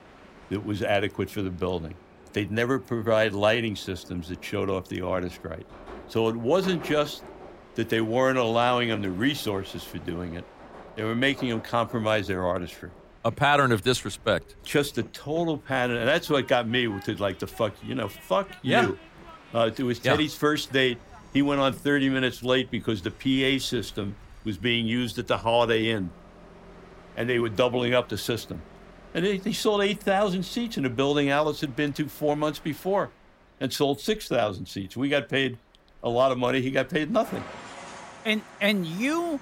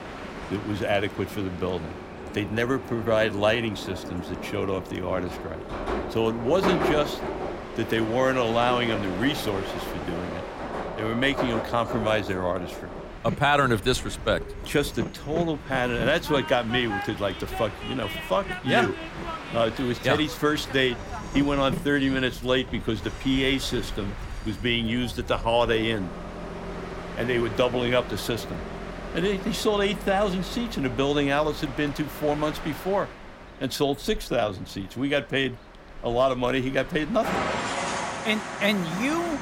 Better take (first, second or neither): first